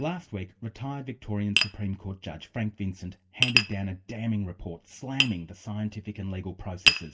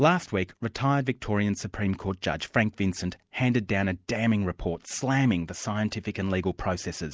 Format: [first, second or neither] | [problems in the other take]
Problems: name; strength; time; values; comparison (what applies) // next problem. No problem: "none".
second | background sound (Tap); 1 dB above the speech // room echo; dies away in 0.2 s